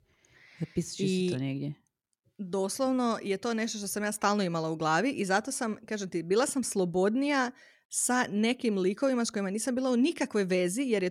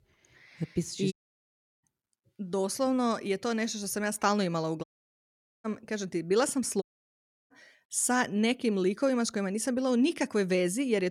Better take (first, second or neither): first